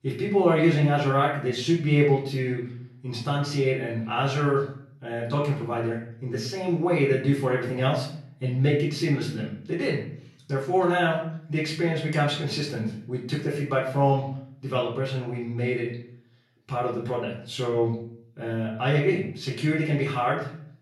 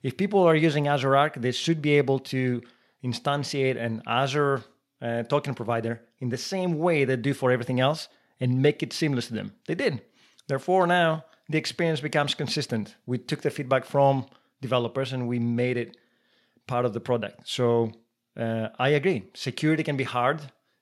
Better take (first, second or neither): second